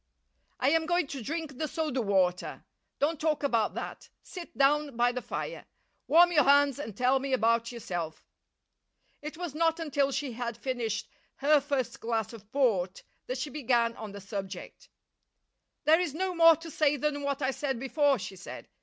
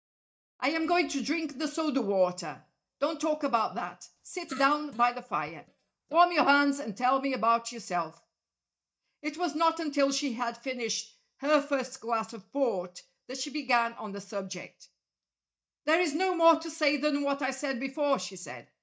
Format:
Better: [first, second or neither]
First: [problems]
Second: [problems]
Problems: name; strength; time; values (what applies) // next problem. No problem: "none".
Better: first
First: none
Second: noise reduction (neural mask model DeepFilterNet 3)